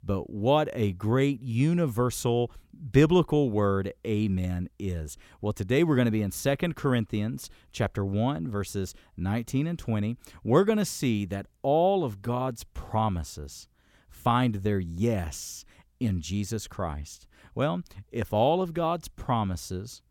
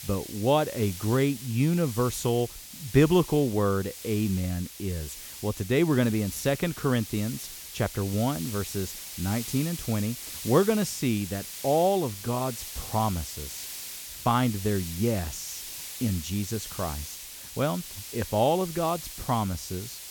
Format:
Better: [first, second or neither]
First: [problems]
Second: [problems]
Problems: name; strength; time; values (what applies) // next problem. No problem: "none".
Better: first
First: none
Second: hiss; loud; throughout; 10 dB below the speech